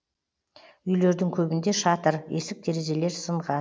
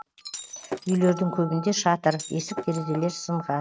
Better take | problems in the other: first | noise reduction (neural mask model RNNoise)

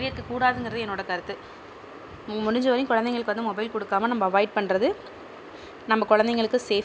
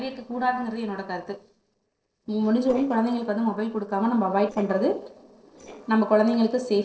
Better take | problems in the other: first | noise reduction (neural separator model SepFormer DNS4)

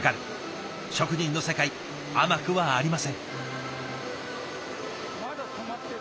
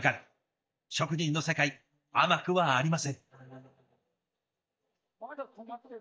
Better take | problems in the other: first | noise reduction (neural mask model DeepFilterNet 3)

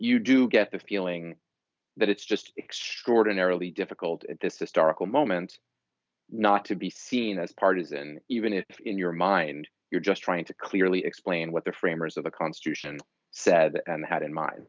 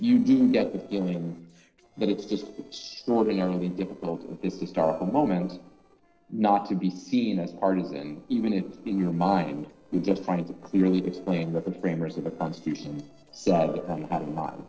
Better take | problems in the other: first | noise reduction (neural separator model SepFormer DNS4)

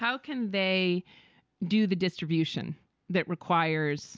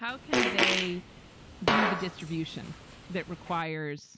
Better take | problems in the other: first | background sound (Fart); 4 dB above the speech

